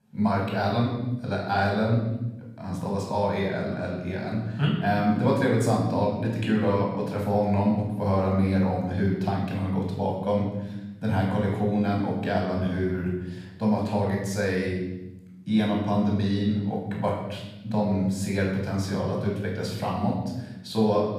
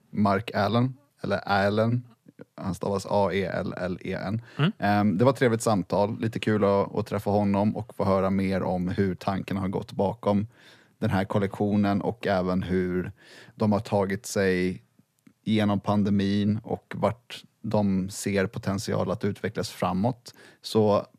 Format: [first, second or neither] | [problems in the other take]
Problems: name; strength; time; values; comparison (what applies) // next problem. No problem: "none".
second | off-mic speech; far // room echo; noticeable; dies away in 1 s